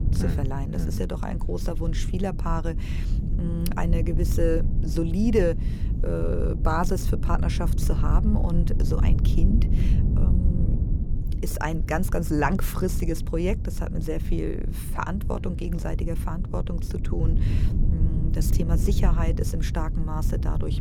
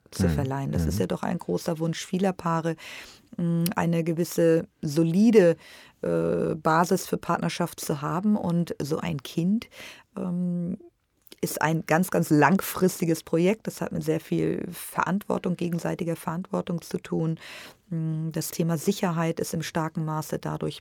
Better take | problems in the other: second | low rumble; loud; throughout; 9 dB below the speech

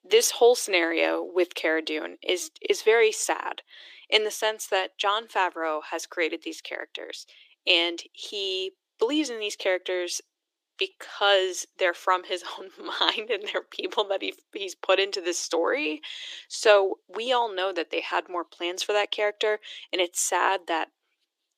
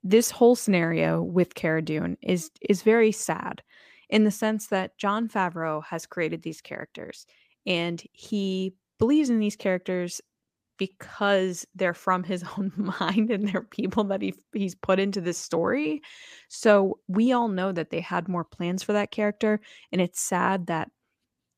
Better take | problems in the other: second | thin; very; fading below 350 Hz

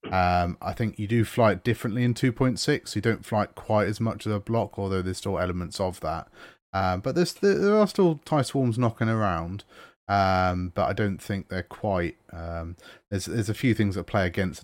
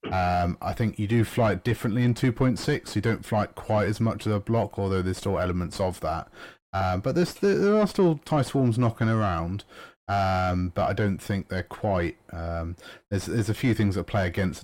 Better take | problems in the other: first | distortion; slight; 9 dB below the speech

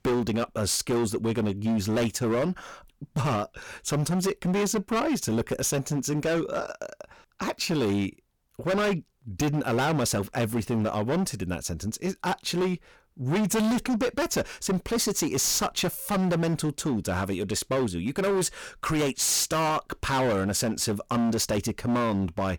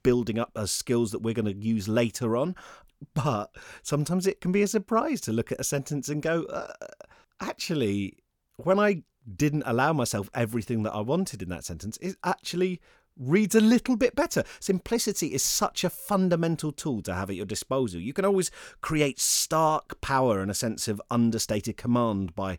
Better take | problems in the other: second | distortion; heavy; 19% of the sound clipped

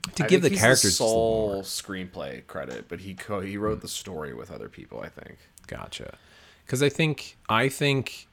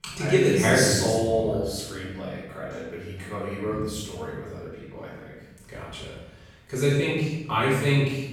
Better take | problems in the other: first | off-mic speech; far // room echo; strong; dies away in 1.1 s

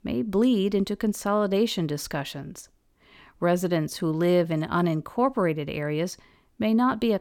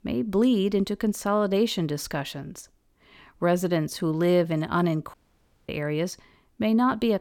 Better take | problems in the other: first | audio cutting out; at 5 s for 0.5 s

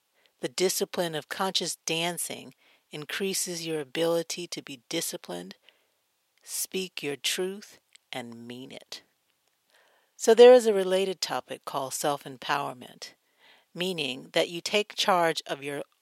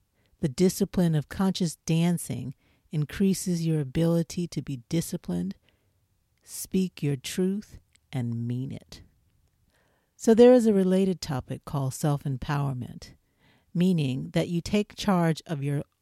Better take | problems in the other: second | thin; very; fading below 600 Hz

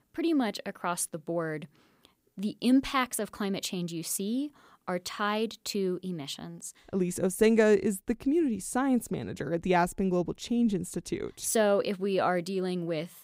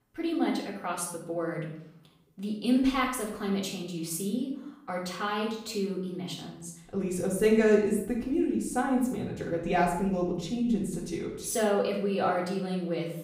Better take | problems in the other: first | off-mic speech; far // room echo; noticeable; dies away in 0.6 s

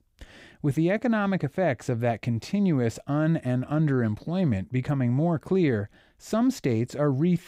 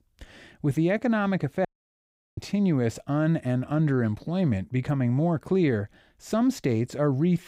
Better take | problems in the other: first | audio cutting out; at 1.5 s for 0.5 s

